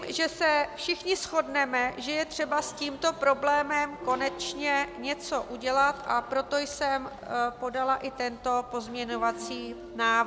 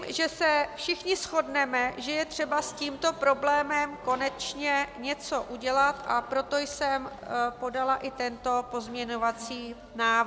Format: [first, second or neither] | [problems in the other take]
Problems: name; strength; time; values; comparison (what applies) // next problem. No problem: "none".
second | background sound (Keyboard (musical)); 19 dB below the speech